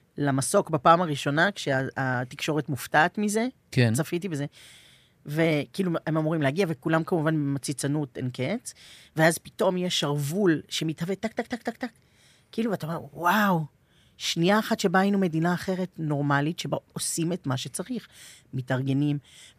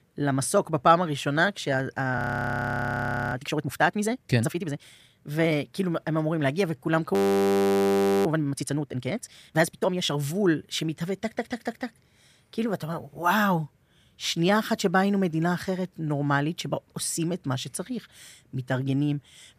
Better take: first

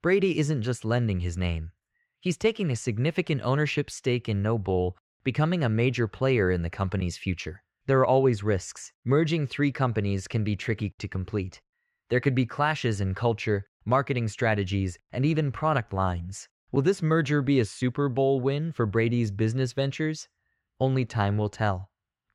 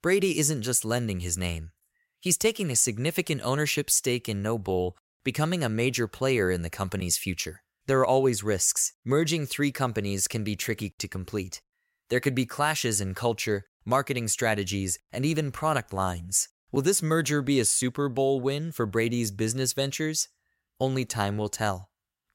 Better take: second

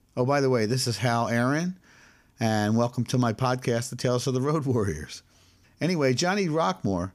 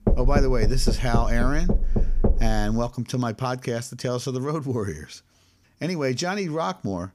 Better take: first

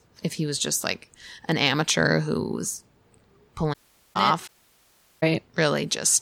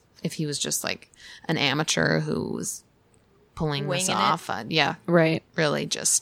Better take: second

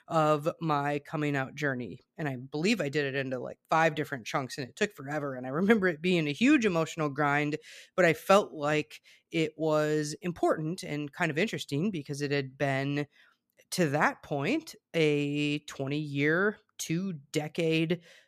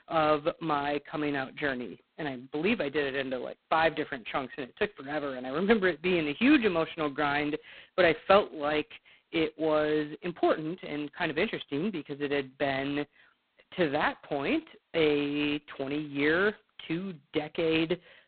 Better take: first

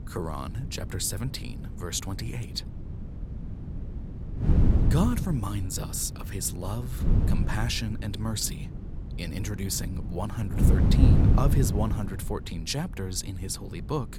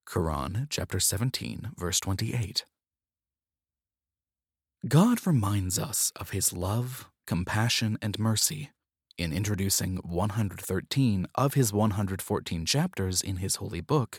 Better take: second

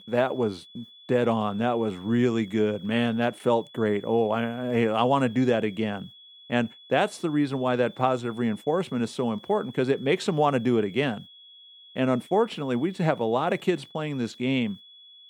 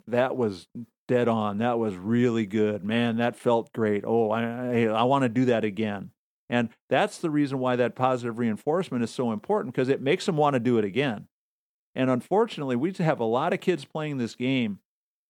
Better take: second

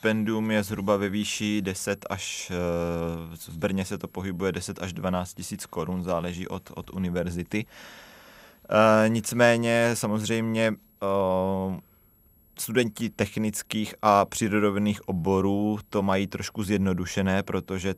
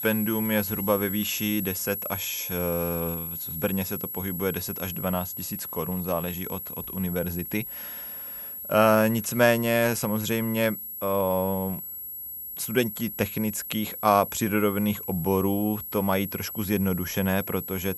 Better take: first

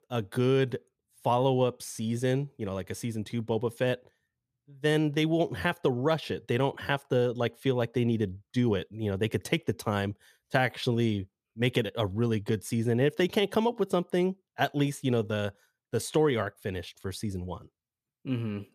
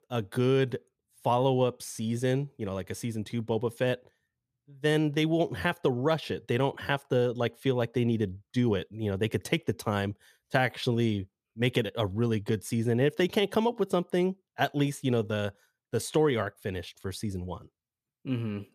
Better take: neither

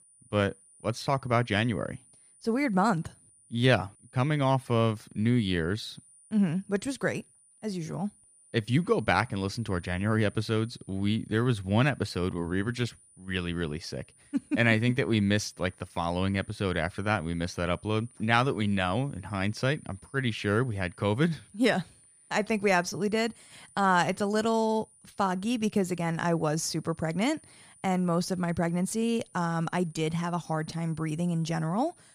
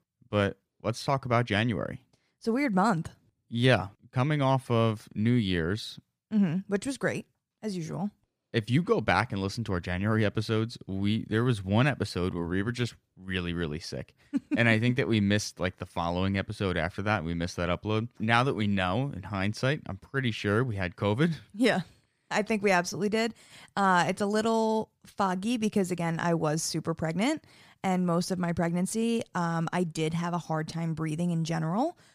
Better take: second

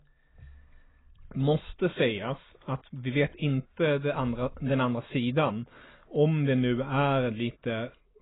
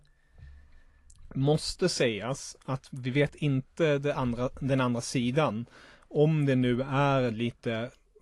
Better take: second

